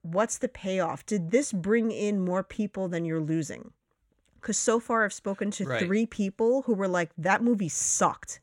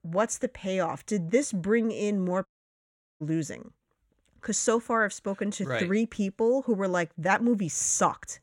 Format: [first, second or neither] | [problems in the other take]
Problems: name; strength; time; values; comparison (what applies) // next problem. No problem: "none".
first | audio cutting out; at 2.5 s for 0.5 s